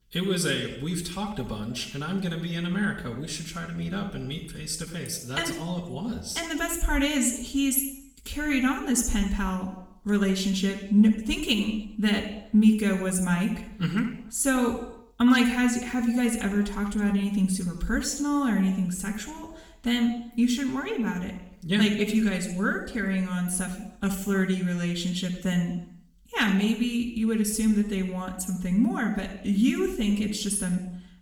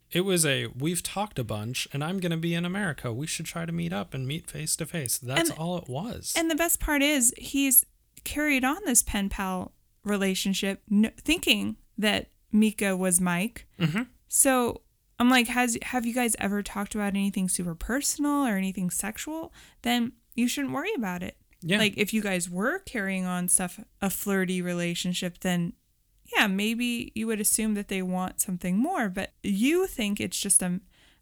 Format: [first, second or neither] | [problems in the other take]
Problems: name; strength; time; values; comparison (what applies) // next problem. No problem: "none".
second | room echo; noticeable; dies away in 0.7 s // off-mic speech; far